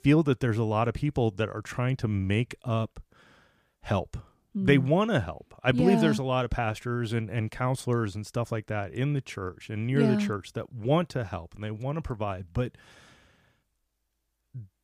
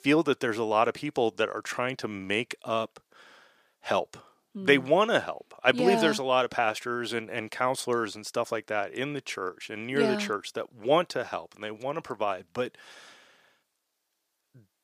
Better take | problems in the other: first | thin; somewhat; fading below 400 Hz

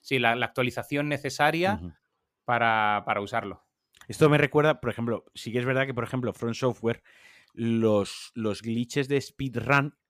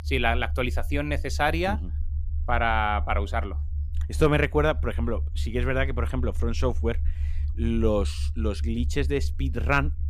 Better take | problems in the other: first | low rumble; faint; throughout; 20 dB below the speech

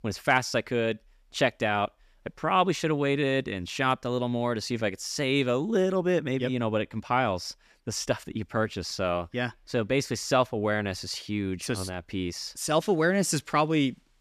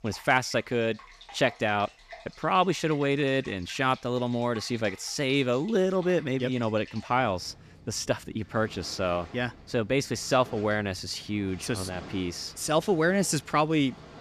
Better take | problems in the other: first | rain or running water; faint; throughout; 20 dB below the speech

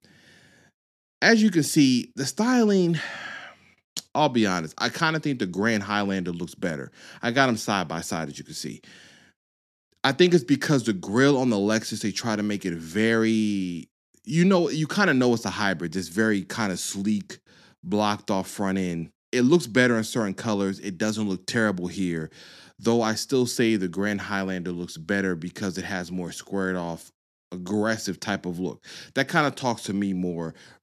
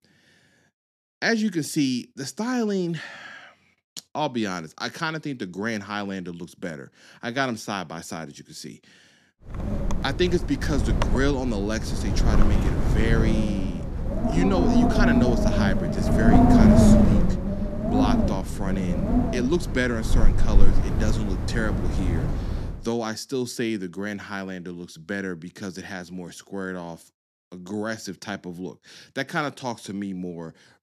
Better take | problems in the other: first | wind noise on the microphone; heavy; from 9.5 to 23 s; 2 dB above the speech

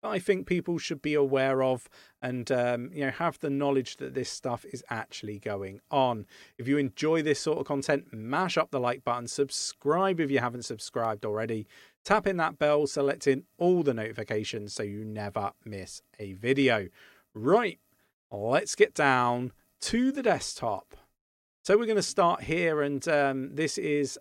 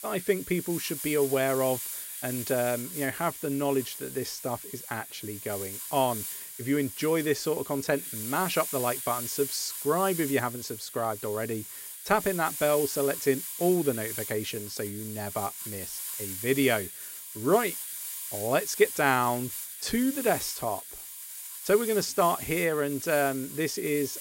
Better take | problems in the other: first | hiss; loud; throughout; 7 dB below the speech

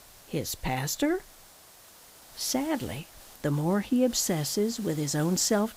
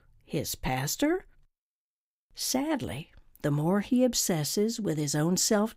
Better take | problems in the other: second | hiss; noticeable; throughout; 20 dB below the speech

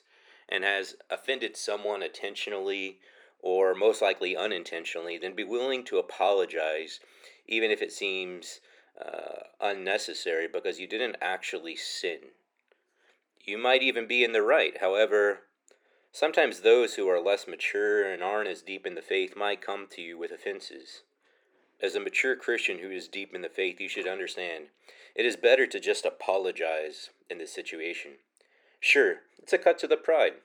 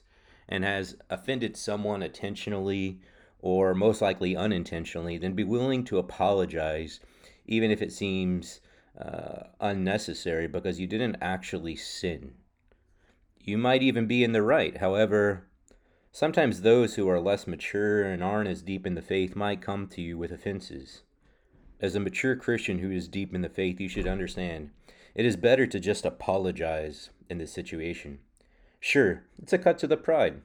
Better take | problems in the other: second | thin; very; fading below 400 Hz

